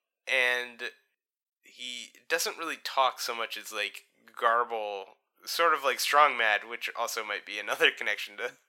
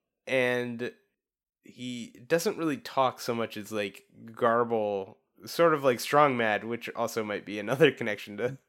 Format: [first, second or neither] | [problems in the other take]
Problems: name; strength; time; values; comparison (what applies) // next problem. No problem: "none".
second | thin; very; fading below 900 Hz